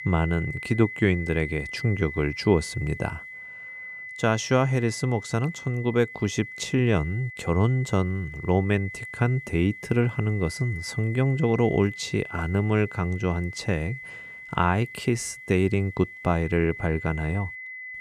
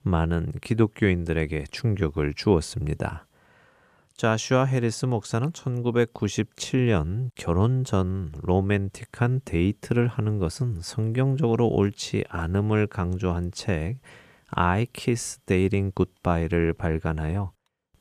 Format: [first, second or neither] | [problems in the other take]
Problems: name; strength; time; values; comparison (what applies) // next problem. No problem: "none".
second | high-pitched whine; noticeable; throughout; 2 kHz, 10 dB below the speech